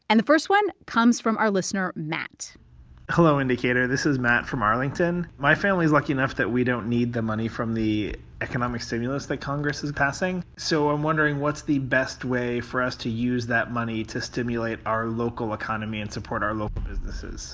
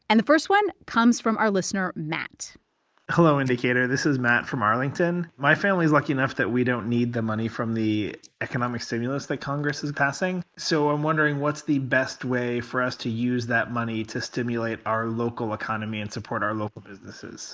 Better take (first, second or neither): first